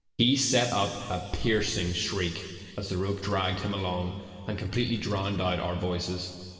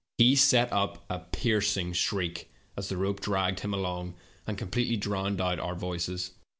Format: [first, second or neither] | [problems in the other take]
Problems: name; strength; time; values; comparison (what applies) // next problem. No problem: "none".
second | room echo; dies away in 2.4 s